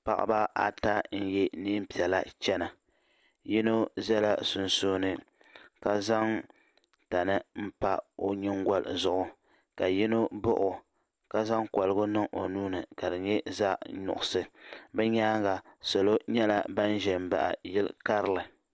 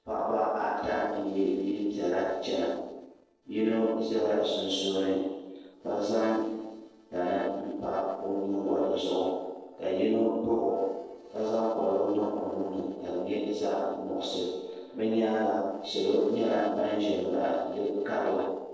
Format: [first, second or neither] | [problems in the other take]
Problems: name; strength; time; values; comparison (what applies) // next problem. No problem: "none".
first | noise reduction (neural separator model SepFormer DNS4)